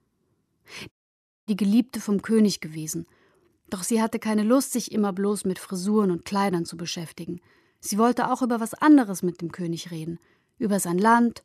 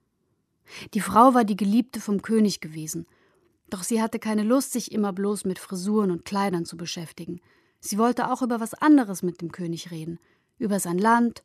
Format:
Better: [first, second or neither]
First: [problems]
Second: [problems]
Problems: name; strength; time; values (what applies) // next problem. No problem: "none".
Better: second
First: audio cutting out; at 1 s for 0.5 s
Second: none